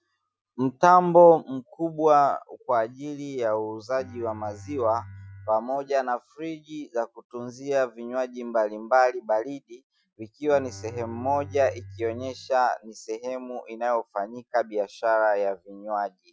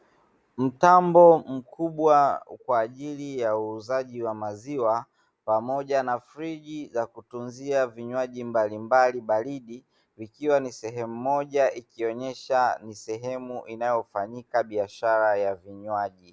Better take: second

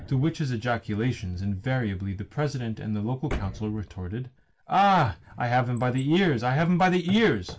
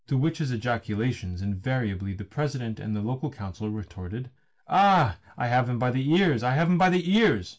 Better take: second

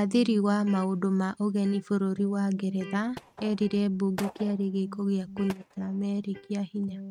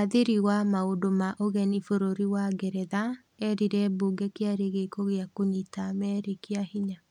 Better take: second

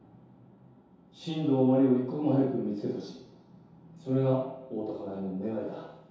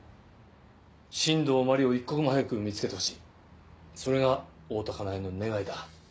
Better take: second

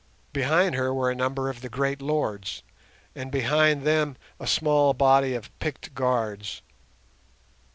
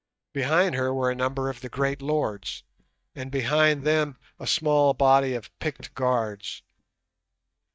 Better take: first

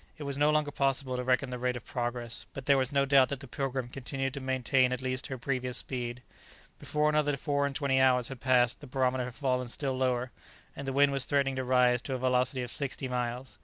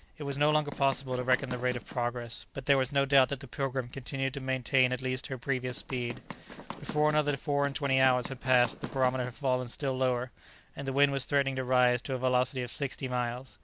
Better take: first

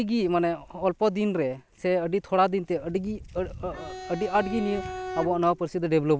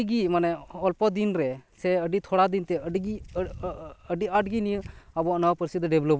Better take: second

